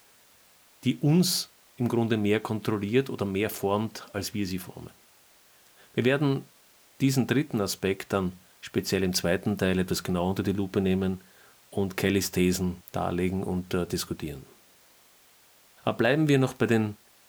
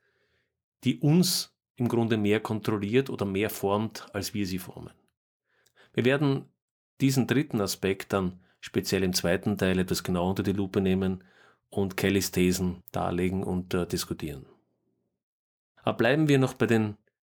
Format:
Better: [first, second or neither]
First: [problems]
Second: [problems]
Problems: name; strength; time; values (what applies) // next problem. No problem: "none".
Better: second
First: hiss; faint; throughout; 30 dB below the speech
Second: none